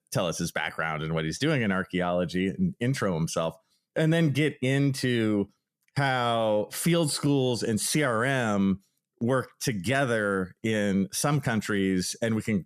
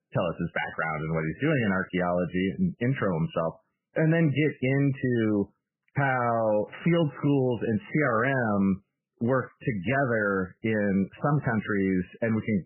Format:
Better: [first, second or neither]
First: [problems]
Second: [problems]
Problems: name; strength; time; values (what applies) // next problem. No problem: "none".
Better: first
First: none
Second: garbled, watery; badly; nothing above 3 kHz